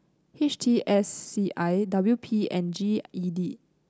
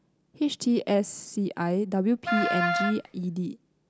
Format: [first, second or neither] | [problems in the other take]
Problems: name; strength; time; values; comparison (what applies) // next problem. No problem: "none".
first | background sound (Wind instrument, woodwind instrument); 1 dB below the speech